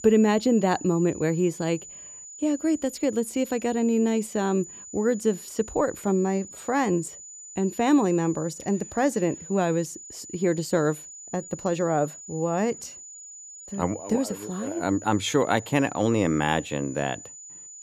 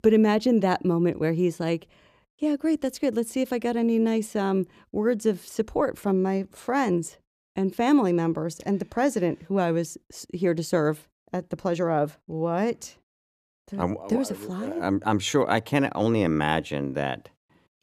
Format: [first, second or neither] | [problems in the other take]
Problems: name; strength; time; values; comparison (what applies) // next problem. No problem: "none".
second | high-pitched whine; noticeable; throughout; 7 kHz, 15 dB below the speech